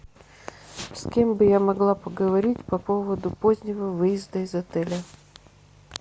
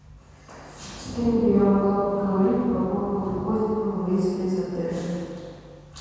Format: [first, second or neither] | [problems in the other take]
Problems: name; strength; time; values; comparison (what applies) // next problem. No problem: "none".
first | room echo; dies away in 2.1 s